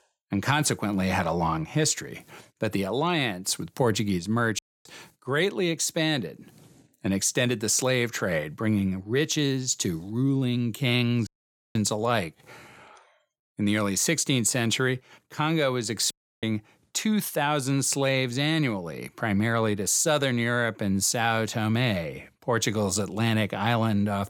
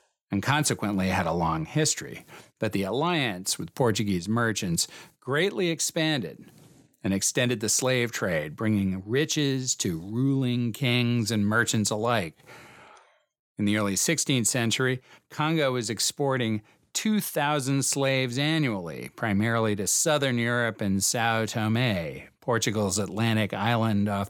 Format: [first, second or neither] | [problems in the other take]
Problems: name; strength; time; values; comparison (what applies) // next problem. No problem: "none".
second | audio cutting out; at 4.5 s, at 11 s and at 16 s